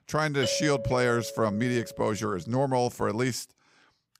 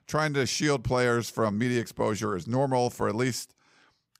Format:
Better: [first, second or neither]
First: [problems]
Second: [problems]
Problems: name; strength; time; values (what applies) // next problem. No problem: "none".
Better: second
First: doorbell; noticeable; until 2 s; peak 5 dB below the speech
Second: none